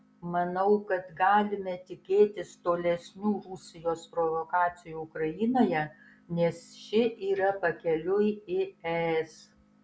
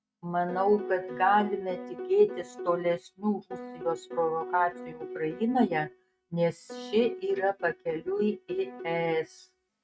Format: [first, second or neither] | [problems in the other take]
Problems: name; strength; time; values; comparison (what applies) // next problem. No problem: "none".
first | noise reduction (neural mask model RNNoise)